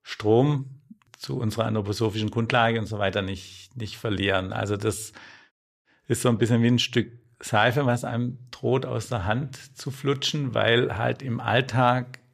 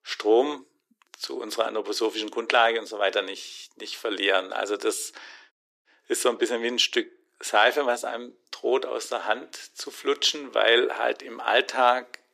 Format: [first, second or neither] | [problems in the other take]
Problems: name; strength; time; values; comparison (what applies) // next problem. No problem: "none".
first | thin; very; fading below 350 Hz